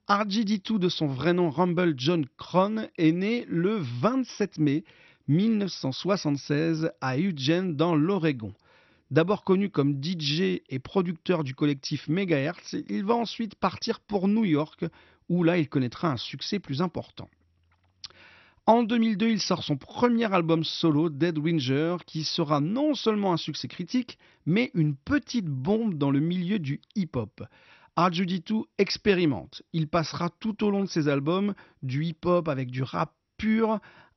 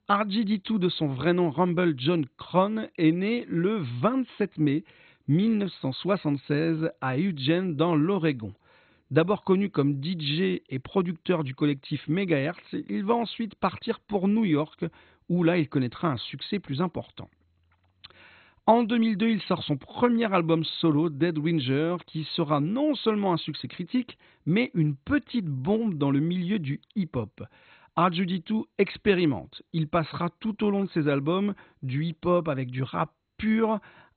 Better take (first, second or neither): first